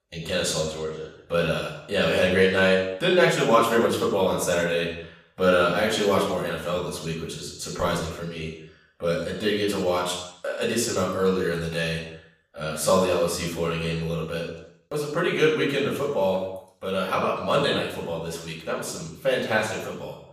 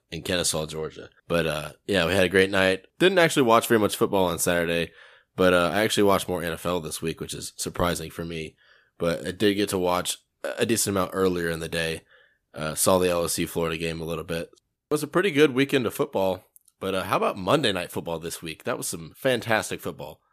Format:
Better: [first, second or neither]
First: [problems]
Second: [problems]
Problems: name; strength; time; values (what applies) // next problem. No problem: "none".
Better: second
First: room echo; noticeable; dies away in 0.7 s // off-mic speech; far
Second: none